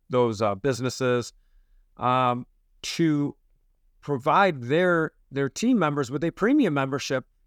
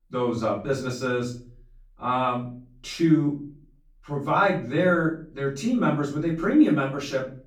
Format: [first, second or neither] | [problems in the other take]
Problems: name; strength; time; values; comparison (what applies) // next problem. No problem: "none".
first | off-mic speech; far // room echo; slight; dies away in 0.4 s